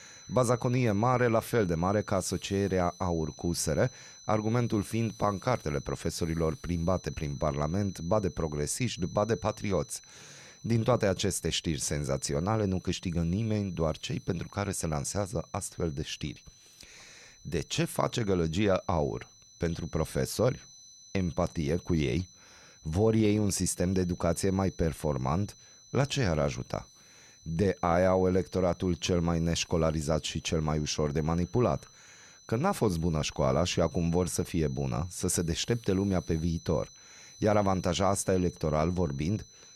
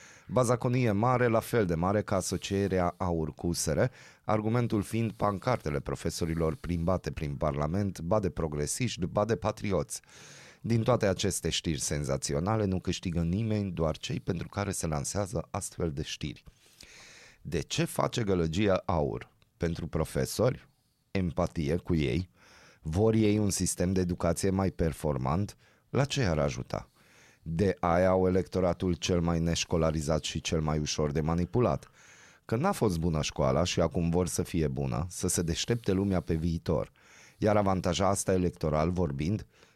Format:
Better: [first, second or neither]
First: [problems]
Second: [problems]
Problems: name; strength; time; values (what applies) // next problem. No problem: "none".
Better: second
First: high-pitched whine; faint; throughout; 6 kHz, 20 dB below the speech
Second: none